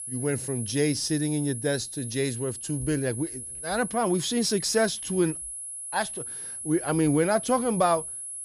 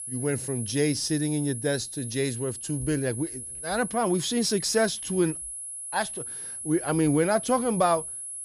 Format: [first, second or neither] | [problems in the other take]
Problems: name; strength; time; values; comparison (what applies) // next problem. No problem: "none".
neither | high-pitched whine; loud; throughout; 10.5 kHz, 7 dB below the speech; the same in both